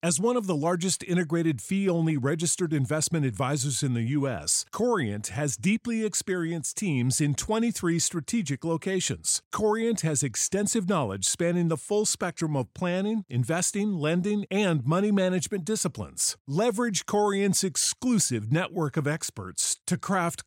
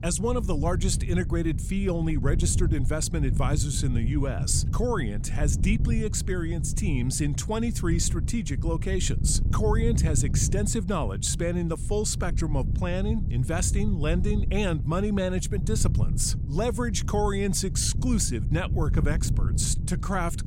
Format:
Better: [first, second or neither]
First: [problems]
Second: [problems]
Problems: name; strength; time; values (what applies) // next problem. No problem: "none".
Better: first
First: none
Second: wind noise on the microphone; occasional gusts; 10 dB below the speech